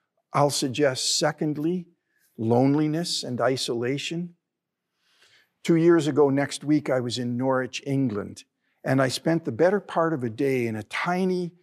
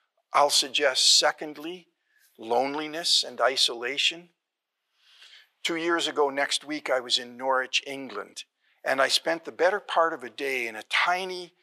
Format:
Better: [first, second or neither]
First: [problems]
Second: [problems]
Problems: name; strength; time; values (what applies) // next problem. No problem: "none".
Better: first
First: none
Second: thin; very; fading below 750 Hz